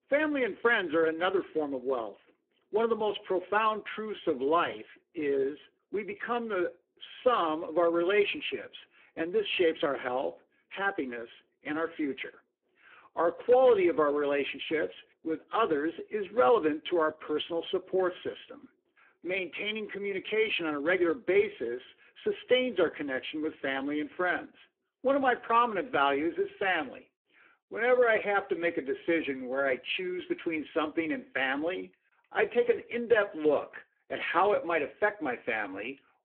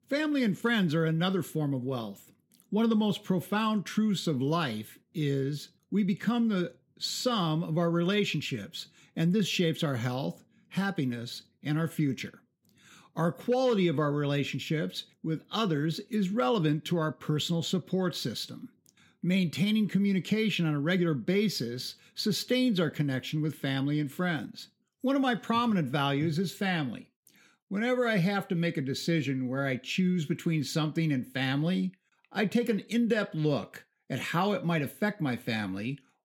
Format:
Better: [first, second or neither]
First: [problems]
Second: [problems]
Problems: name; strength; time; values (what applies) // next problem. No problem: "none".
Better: second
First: phone-call audio; poor line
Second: none